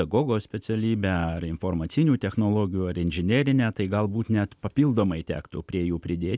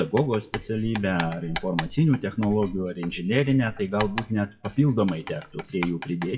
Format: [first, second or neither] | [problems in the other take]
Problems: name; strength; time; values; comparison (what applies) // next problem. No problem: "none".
first | noise reduction (classical method WPE with log-MMSE)